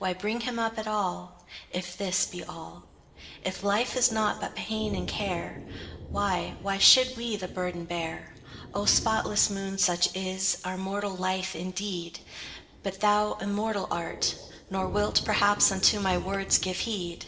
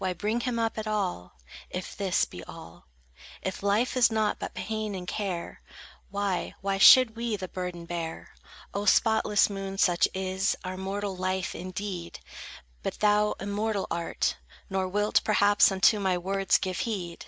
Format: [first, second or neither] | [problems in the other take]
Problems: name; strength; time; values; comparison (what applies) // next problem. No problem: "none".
second | background sound (Thunder); 14 dB below the speech // room echo; dies away in 0.9 s